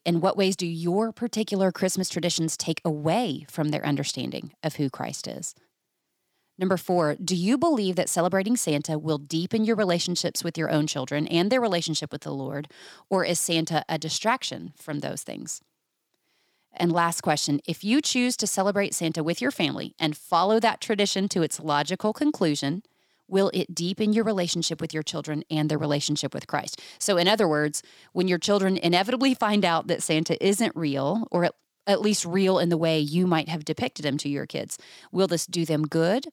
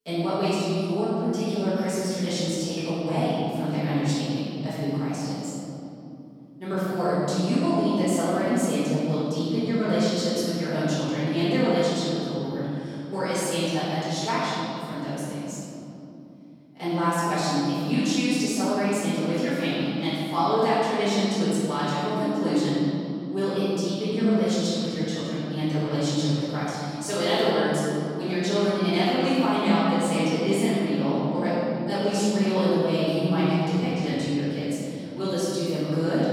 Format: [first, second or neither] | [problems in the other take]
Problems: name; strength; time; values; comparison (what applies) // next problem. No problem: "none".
first | room echo; strong; dies away in 3 s // off-mic speech; far